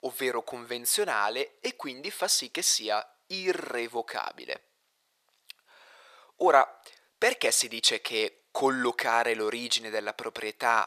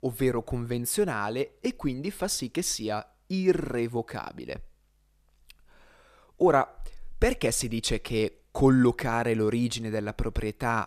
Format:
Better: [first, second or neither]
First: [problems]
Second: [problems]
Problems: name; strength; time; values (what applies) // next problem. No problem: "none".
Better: second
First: thin; very; fading below 650 Hz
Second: none